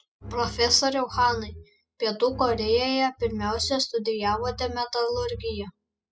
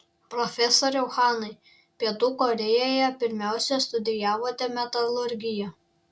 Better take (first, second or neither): second